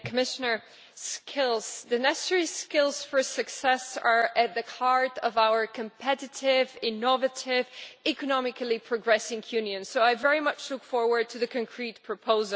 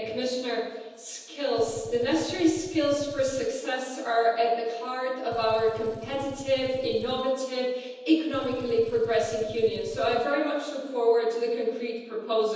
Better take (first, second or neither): first